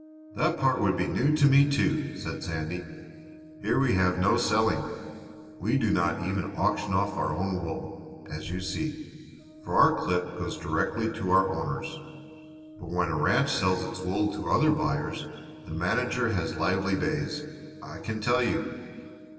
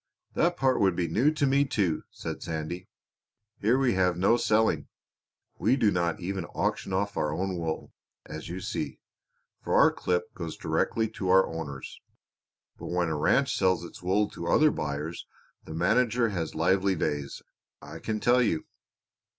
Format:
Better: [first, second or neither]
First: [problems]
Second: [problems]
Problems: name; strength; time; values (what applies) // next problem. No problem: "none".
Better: second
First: background sound (Brass instrument); 19 dB below the speech // room echo; dies away in 2.3 s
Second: none